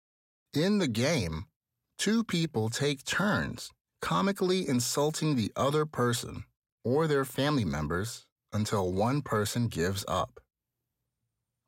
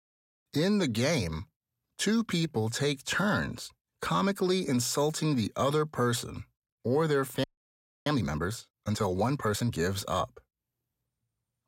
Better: first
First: none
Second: audio freezing; at 7.5 s for 0.5 s

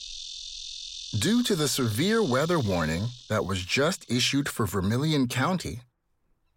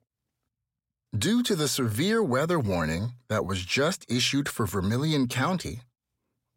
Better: second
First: animal sounds; noticeable; throughout; 10 dB below the speech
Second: none

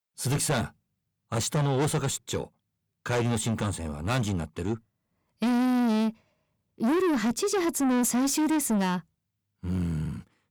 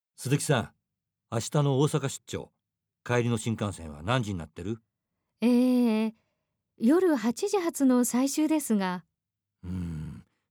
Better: second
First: distortion; heavy; 7 dB below the speech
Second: none

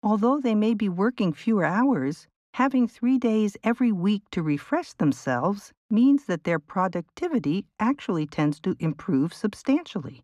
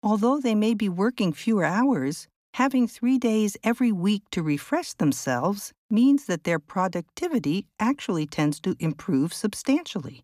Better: second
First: muffled; slightly; fading above 2.5 kHz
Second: none

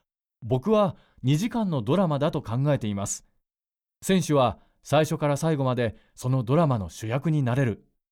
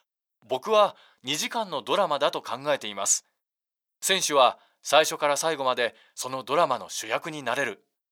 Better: first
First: none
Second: thin; very; fading below 700 Hz

